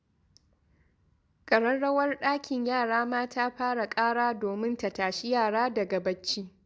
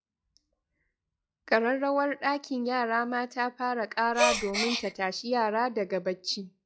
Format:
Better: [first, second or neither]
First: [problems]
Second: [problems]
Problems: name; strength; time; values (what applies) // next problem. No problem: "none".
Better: first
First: none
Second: noise reduction (classical method log-MMSE)